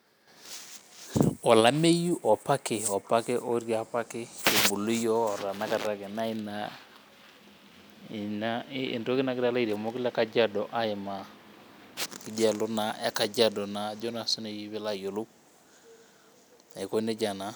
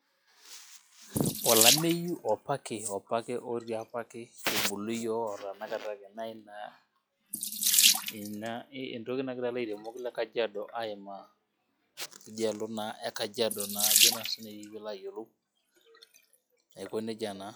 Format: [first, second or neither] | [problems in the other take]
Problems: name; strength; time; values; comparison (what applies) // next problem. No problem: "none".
first | noise reduction (classical method log-MMSE)